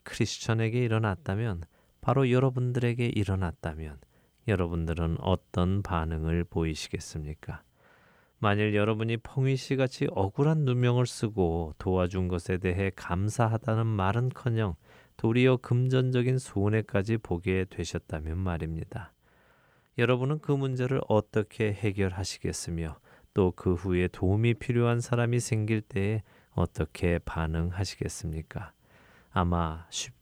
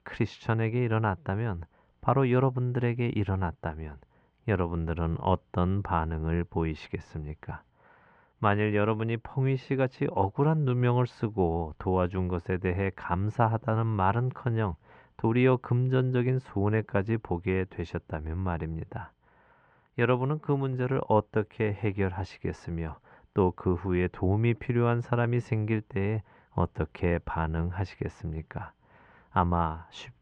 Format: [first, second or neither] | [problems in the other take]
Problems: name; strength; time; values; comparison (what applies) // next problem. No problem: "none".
first | muffled; very; fading above 2 kHz